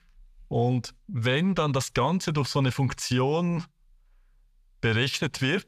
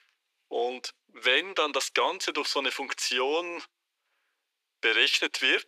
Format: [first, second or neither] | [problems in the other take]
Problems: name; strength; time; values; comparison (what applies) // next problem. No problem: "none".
first | thin; very; fading below 300 Hz